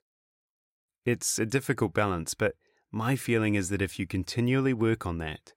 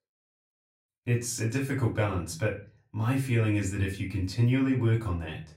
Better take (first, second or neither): first